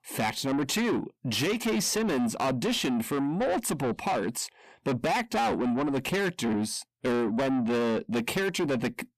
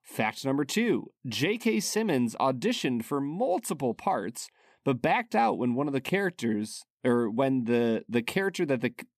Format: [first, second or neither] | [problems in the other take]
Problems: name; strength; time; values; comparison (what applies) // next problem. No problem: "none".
second | distortion; heavy; 7 dB below the speech